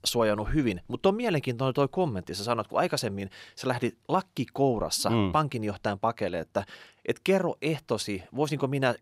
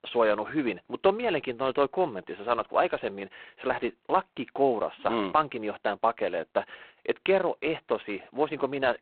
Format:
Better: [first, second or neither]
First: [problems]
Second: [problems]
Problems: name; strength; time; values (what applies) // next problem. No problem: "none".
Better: first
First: none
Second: phone-call audio; poor line; nothing above 4 kHz